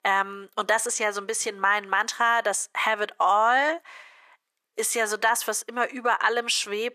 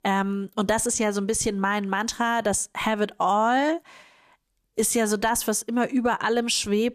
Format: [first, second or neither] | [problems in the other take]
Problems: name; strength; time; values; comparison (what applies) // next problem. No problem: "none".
second | thin; very; fading below 550 Hz